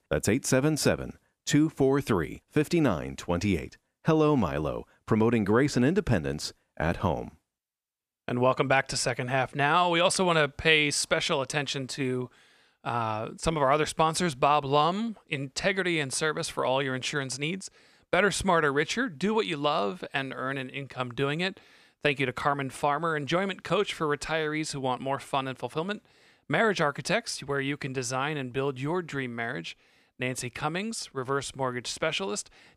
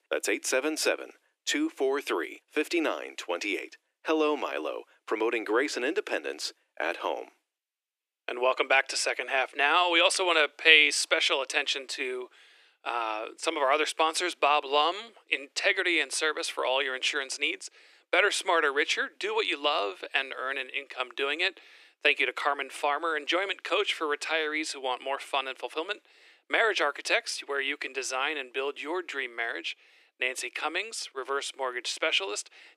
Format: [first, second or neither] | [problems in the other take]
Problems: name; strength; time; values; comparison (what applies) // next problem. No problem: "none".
first | thin; very; fading below 300 Hz